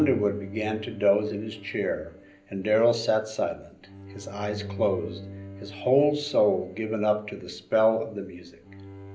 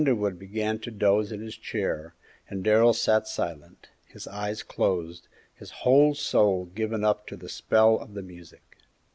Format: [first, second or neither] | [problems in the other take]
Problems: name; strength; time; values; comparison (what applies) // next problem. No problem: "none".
second | background sound (Bowed string instrument); 16 dB below the speech // room echo; dies away in 0.5 s